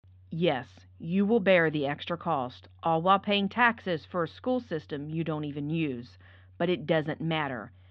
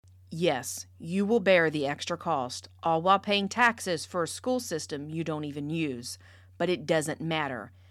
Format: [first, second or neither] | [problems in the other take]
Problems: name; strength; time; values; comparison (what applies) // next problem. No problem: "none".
second | muffled; very; fading above 3.5 kHz